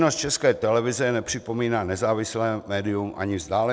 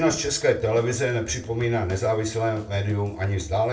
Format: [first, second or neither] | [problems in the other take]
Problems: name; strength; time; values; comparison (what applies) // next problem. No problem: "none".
first | background sound (Drum kit); 19 dB below the speech // room echo; dies away in 0.3 s